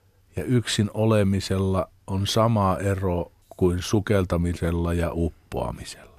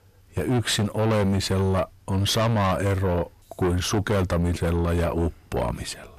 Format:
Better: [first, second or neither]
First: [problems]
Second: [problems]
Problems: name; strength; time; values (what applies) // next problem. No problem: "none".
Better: first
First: none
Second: distortion; heavy; 8 dB below the speech